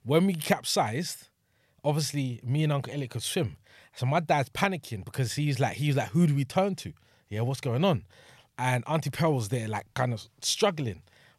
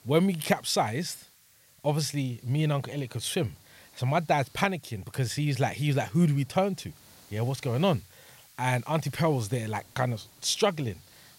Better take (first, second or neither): first